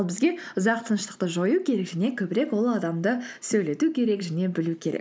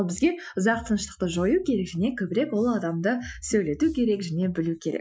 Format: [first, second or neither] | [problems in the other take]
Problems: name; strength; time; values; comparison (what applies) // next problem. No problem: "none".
first | noise reduction (classical method Wiener filter)